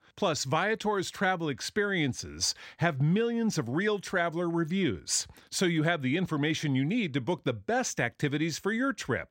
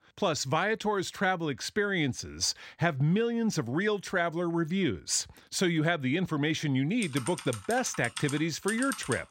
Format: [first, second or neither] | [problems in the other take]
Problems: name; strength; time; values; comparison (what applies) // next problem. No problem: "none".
first | keyboard typing; noticeable; from 7 s on; peak 7 dB below the speech